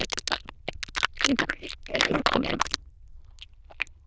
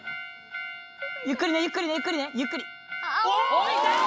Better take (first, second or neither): second